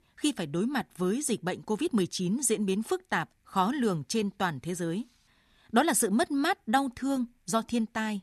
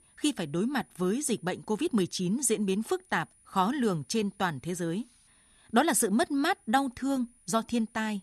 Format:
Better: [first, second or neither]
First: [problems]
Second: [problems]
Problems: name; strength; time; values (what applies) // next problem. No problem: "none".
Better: first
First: none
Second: high-pitched whine; faint; throughout; 9.5 kHz, 30 dB below the speech